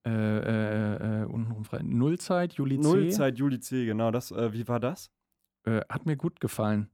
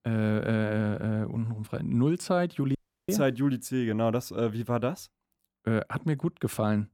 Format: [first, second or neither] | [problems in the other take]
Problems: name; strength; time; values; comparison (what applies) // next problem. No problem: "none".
first | audio cutting out; at 3 s